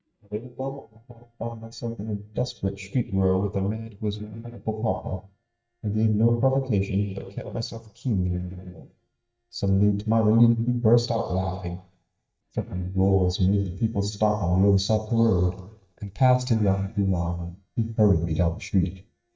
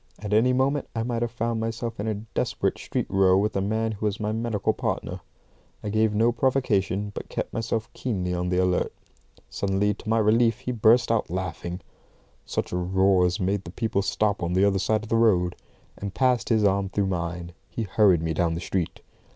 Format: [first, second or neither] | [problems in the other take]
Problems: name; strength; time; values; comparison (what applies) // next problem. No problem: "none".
second | noise reduction (neural mask model DeepFilterNet 3)